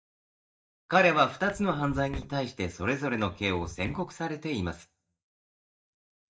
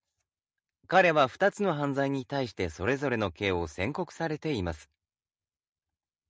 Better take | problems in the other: second | noise reduction (neural mask model DeepFilterNet 3)

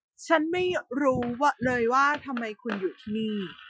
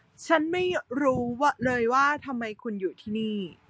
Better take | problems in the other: second | noise reduction (classical method Wiener filter)

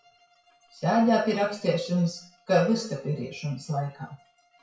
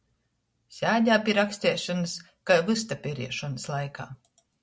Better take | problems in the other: second | noise reduction (classical method WPE with log-MMSE)

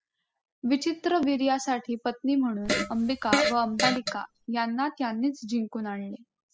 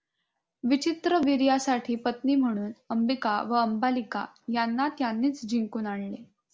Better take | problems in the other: second | noise reduction (classical method spectral subtraction)

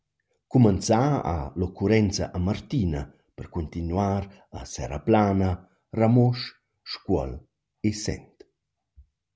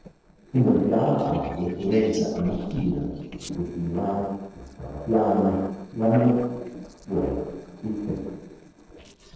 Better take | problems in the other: first | noise reduction (neural separator model SepFormer DNS4)

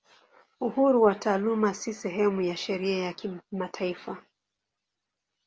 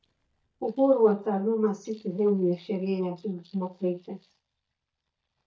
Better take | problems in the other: first | noise reduction (neural mask model DeepFilterNet 3)

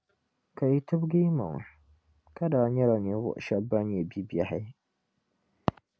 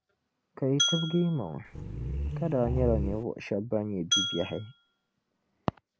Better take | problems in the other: first | background sound (Glass + Growling); 1 dB below the speech

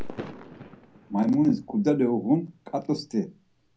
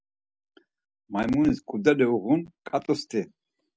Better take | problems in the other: second | background sound (Fireworks); 15 dB below the speech // room echo; dies away in 0.2 s

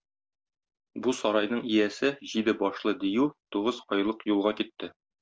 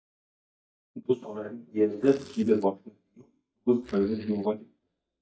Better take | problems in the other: first | noise reduction (neural mask model DeepFilterNet 3)

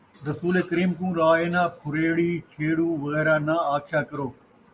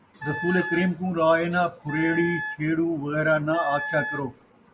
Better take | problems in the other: first | background sound (Wind instrument, woodwind instrument); 8 dB below the speech

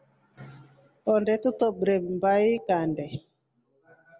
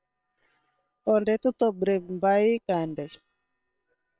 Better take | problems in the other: first | noise reduction (neural separator model SepFormer WHAM!)

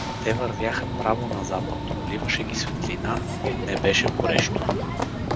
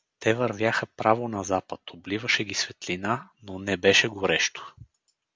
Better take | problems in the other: second | background sound (Run / Train); 2 dB above the speech

